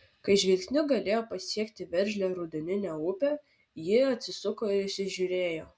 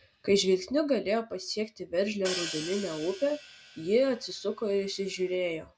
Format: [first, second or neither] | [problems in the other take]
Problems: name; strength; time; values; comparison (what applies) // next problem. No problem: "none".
first | background sound (Hi-hat); 12 dB below the speech